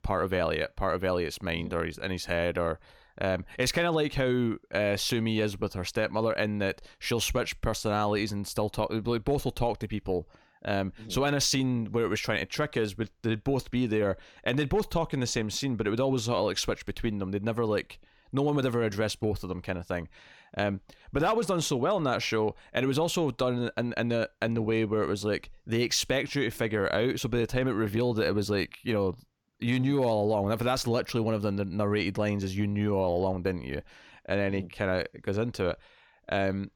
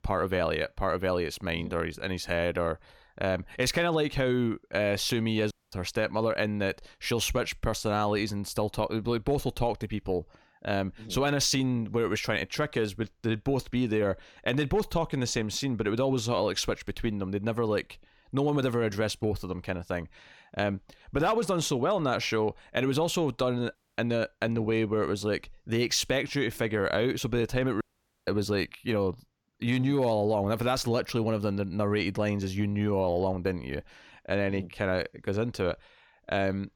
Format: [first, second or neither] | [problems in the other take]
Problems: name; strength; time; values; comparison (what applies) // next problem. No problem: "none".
first | audio cutting out; at 5.5 s, at 24 s and at 28 s